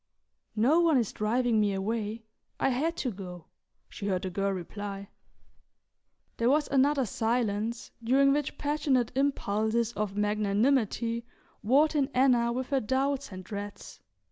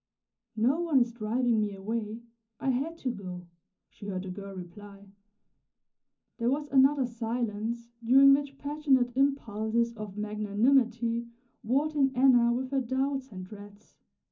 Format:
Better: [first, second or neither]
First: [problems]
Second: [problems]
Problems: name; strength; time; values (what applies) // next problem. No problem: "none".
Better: first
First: none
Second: room echo; dies away in 0.3 s